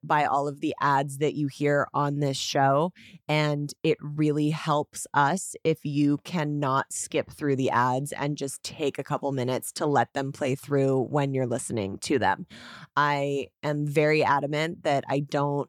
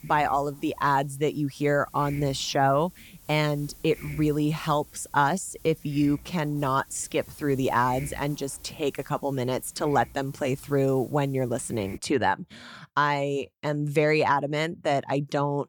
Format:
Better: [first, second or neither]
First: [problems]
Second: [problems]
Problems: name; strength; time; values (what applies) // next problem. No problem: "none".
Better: first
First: none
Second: hiss; faint; until 12 s; 20 dB below the speech